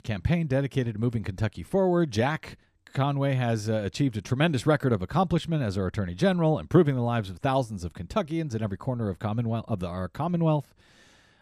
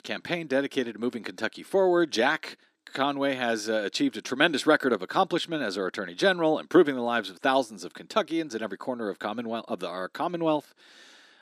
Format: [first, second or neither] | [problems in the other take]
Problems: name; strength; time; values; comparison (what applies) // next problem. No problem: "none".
first | thin; somewhat; fading below 300 Hz